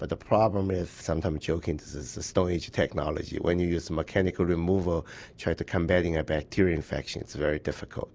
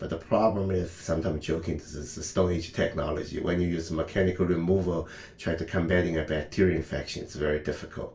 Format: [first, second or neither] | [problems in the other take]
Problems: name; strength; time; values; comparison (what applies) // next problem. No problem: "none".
first | room echo; dies away in 0.3 s